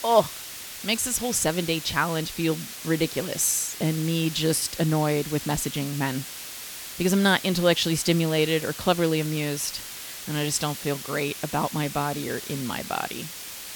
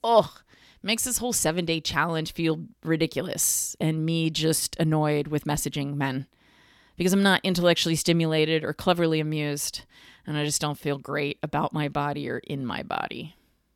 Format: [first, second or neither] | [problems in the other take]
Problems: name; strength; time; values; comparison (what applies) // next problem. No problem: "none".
second | hiss; loud; throughout; 10 dB below the speech